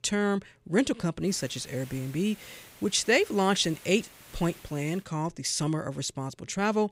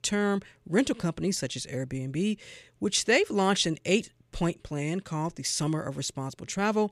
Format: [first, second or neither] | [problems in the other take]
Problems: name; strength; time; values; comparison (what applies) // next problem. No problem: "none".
second | hiss; faint; from 1.5 to 5 s; 20 dB below the speech